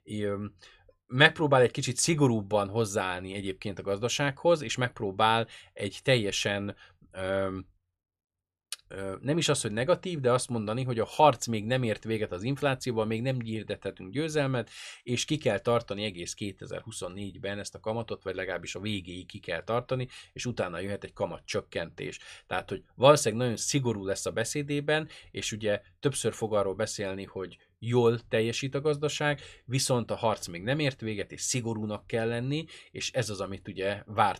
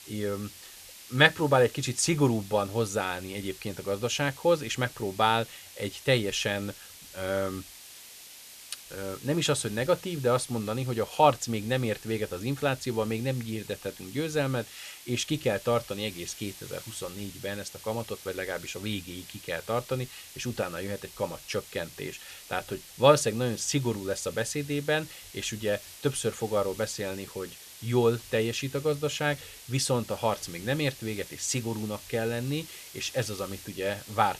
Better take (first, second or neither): first